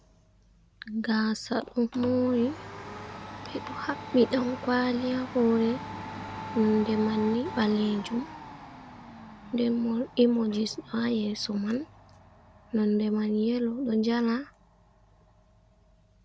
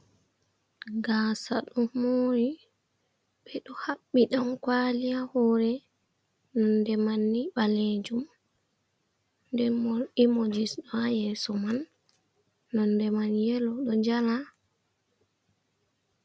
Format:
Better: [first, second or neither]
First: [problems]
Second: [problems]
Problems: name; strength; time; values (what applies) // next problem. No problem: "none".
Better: second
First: background sound (Domestic sounds, home sounds); 14 dB below the speech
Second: none